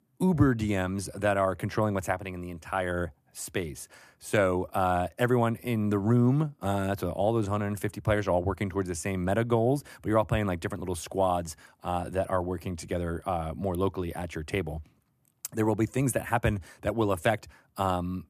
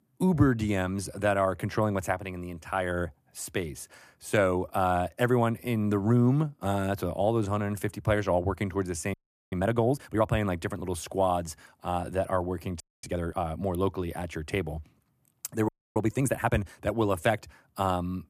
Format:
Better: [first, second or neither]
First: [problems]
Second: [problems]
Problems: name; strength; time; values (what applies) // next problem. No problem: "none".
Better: first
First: none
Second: audio freezing; at 9 s, at 13 s and at 16 s